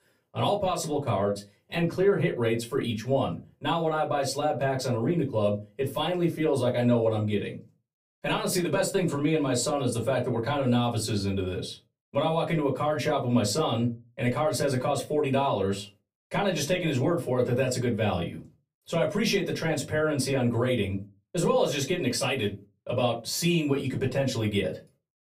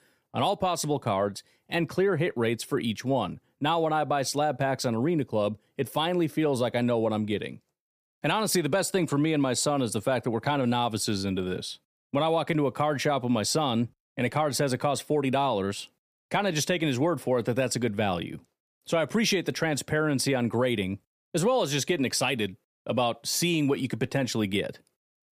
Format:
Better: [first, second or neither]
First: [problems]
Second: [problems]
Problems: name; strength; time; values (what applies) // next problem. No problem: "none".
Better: second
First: off-mic speech; far // room echo; very slight; dies away in 0.2 s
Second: none